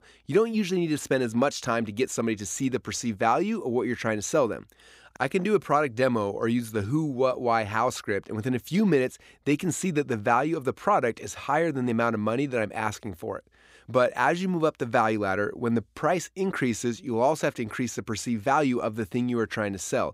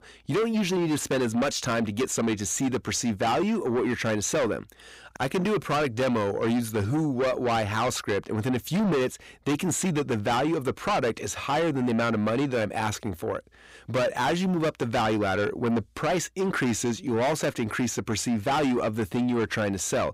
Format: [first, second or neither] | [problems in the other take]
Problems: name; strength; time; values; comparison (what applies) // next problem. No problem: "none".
first | distortion; heavy; 7 dB below the speech